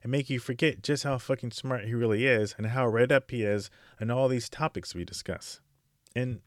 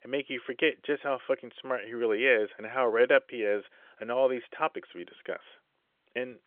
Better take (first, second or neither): first